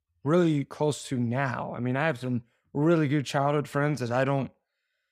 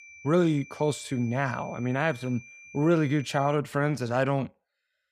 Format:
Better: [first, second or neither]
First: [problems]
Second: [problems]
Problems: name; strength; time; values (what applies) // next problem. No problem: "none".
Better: first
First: none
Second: high-pitched whine; noticeable; until 3.5 s; 2.5 kHz, 20 dB below the speech